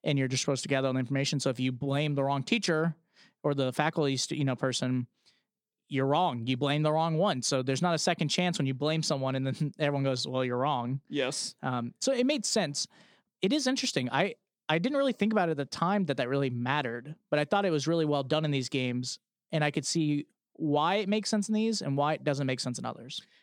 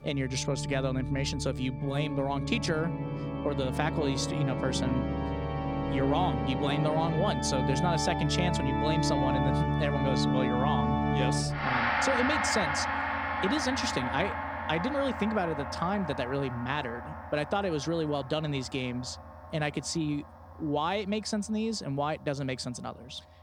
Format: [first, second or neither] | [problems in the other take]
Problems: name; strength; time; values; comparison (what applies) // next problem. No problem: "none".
first | background music; very loud; throughout; as loud as the speech